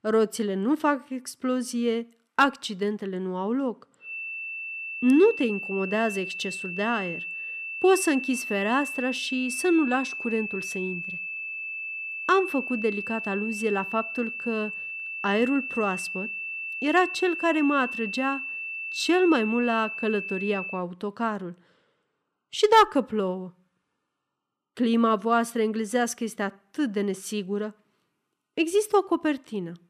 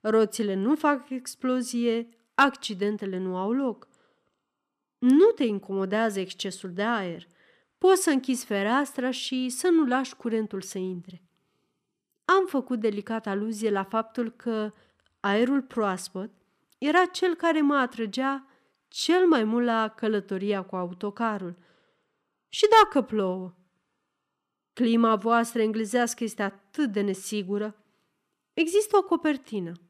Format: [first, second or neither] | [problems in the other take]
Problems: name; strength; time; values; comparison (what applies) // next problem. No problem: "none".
second | high-pitched whine; loud; from 4 to 21 s; 2.5 kHz, 6 dB below the speech